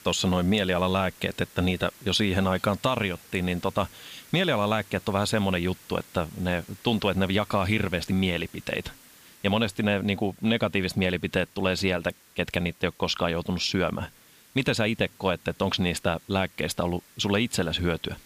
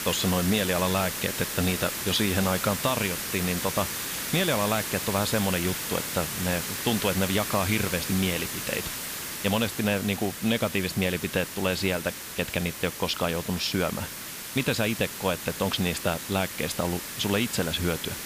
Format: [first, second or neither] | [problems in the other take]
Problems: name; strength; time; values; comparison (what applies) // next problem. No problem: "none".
first | hiss; loud; throughout; 4 dB below the speech; faint in the first